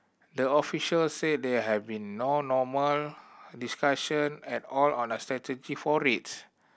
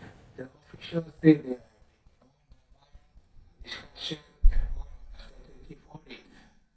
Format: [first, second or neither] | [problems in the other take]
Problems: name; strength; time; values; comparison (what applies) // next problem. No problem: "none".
first | noise reduction (neural mask model DeepFilterNet 3)